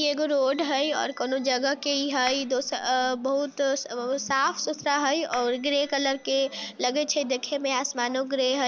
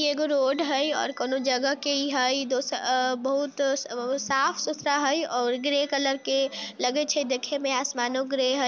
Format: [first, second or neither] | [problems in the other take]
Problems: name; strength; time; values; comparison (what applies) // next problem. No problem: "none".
second | background sound (Clapping); 20 dB below the speech